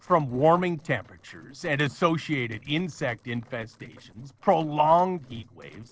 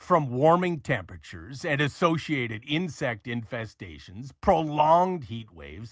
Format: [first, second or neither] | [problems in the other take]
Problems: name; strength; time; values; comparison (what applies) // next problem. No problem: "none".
second | noise reduction (neural separator model SepFormer DNS4)